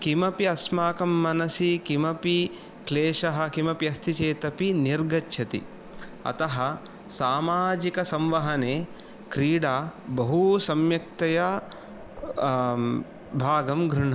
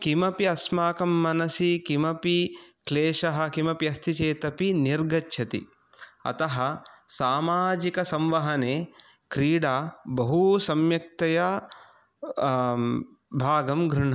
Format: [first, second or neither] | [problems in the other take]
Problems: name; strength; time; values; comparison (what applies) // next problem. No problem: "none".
second | background sound (Mechanisms); 18 dB below the speech